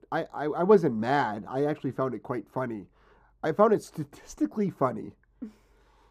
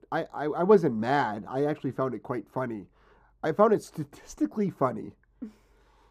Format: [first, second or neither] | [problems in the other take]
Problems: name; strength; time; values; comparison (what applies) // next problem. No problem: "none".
neither | muffled; slightly; fading above 1.5 kHz; the same in both